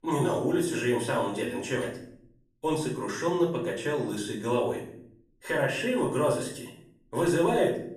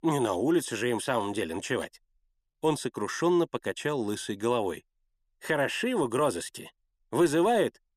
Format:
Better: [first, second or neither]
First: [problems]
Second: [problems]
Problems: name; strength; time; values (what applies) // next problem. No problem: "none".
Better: second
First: off-mic speech; far // room echo; noticeable; dies away in 0.6 s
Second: none